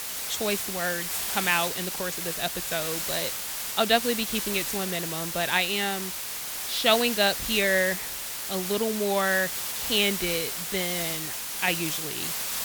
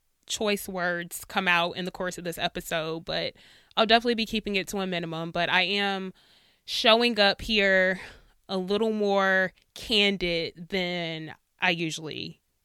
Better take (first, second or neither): second